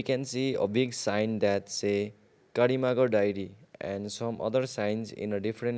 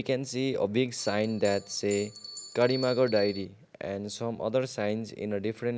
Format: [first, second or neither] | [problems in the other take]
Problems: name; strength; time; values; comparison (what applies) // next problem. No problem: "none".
first | background sound (Bell); 14 dB below the speech